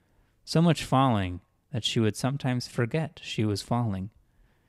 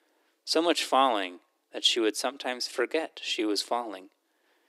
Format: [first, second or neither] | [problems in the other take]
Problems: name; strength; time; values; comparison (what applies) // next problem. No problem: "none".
first | thin; very; fading below 300 Hz